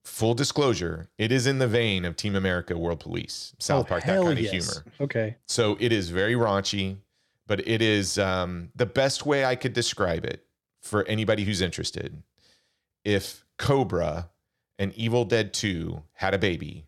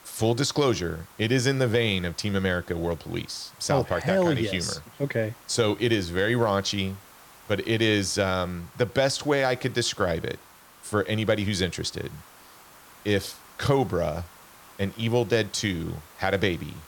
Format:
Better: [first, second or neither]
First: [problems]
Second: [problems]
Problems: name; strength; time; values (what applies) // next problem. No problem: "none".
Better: first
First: none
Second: hiss; faint; throughout; 25 dB below the speech